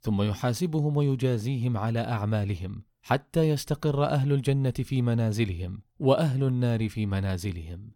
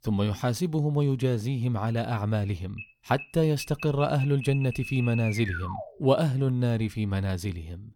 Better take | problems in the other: first | alarm; noticeable; from 3 to 6 s; peak 8 dB below the speech

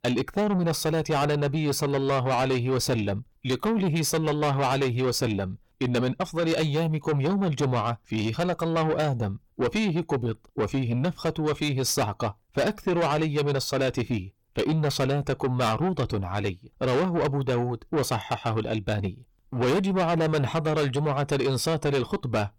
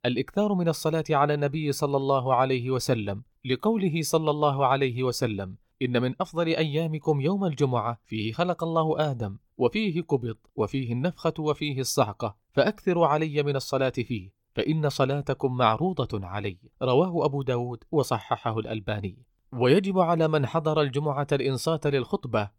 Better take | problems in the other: second | distortion; heavy; 7 dB below the speech

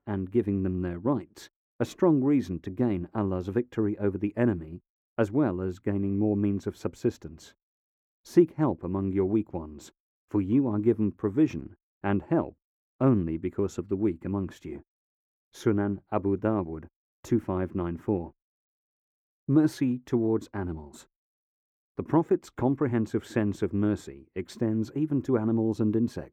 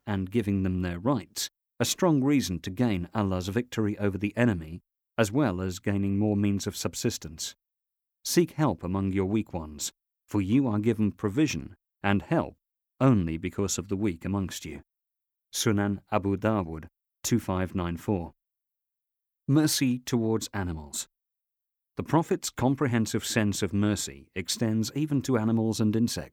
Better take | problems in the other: second | muffled; very; fading above 2.5 kHz

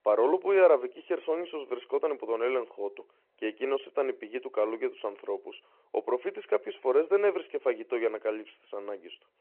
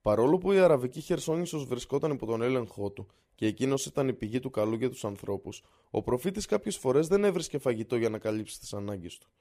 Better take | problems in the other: second | phone-call audio

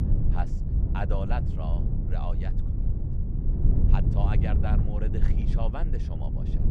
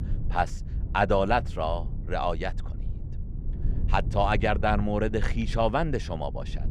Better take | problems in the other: second | low rumble; loud; throughout; 3 dB below the speech; faint in the second

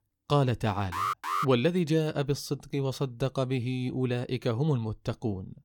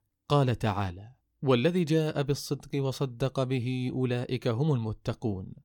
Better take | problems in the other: second | alarm; noticeable; at 1 s; peak 1 dB below the speech

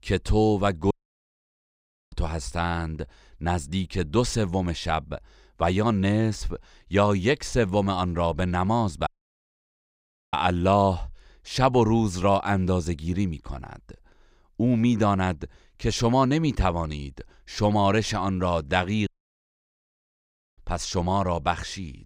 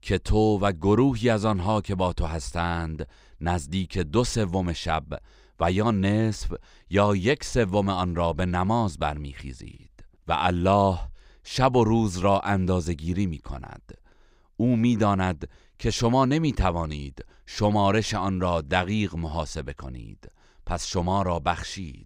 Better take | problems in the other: second | audio cutting out; at 1 s for 1 s, at 9 s for 1.5 s and at 19 s for 1.5 s

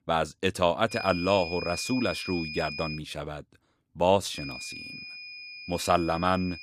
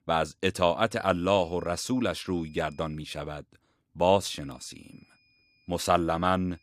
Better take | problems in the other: second | high-pitched whine; loud; from 1 to 3 s and from 4.5 s on; 2.5 kHz, 9 dB below the speech; faint in the second

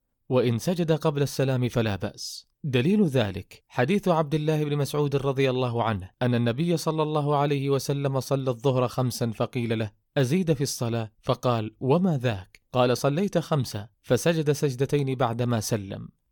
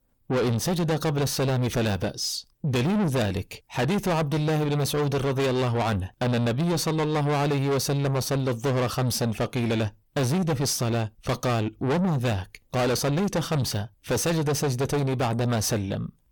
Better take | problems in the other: first | distortion; heavy; 6 dB below the speech

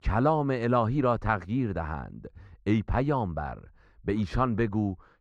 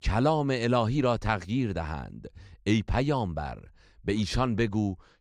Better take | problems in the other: second | muffled; slightly; fading above 2.5 kHz

